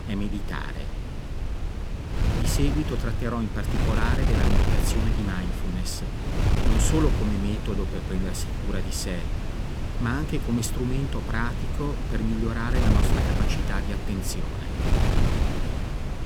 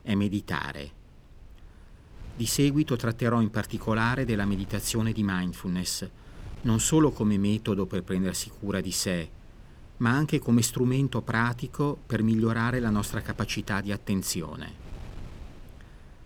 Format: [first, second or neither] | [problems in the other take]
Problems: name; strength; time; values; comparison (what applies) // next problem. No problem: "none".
second | wind noise on the microphone; heavy; 1 dB below the speech; occasional gusts in the second